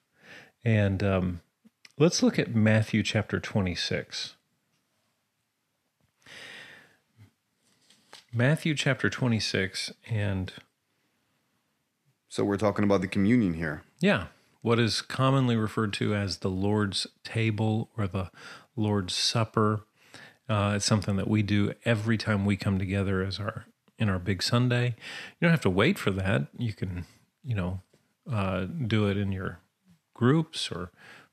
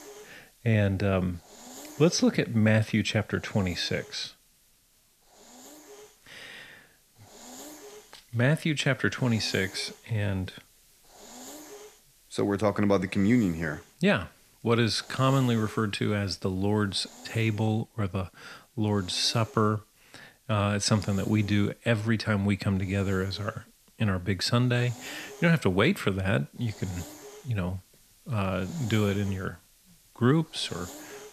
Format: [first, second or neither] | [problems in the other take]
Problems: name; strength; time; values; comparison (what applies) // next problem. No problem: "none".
first | hiss; faint; throughout; 20 dB below the speech